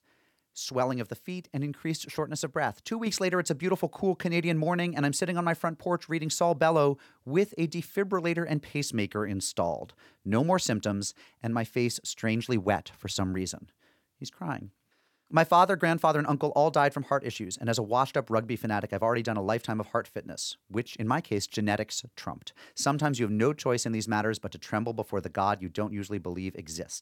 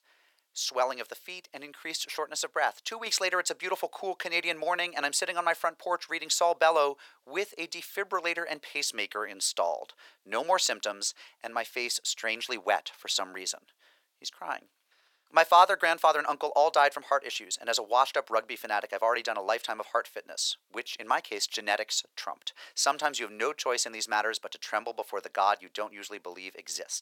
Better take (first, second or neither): first